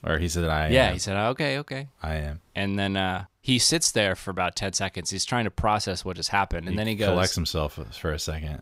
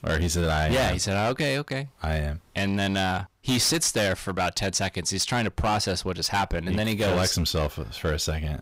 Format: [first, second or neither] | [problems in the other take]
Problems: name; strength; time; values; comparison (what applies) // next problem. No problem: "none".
first | distortion; heavy; 14% of the sound clipped